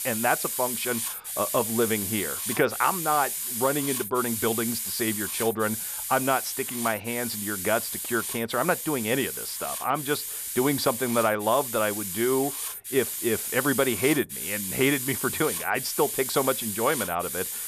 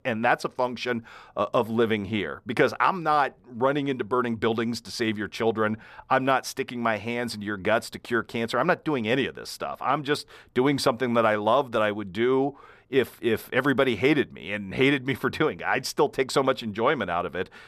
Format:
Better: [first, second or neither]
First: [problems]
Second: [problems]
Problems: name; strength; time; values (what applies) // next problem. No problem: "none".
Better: second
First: hiss; loud; throughout; 3 dB below the speech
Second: none